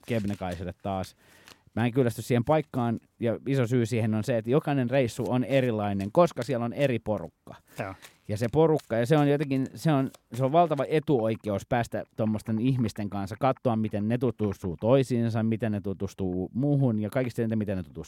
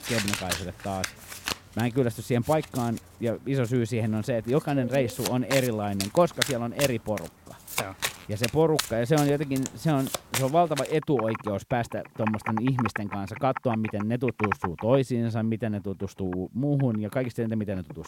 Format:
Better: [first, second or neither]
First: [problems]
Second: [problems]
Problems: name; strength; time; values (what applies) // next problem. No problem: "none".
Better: first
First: household noises; faint; throughout; 30 dB below the speech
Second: household noises; loud; throughout; 6 dB below the speech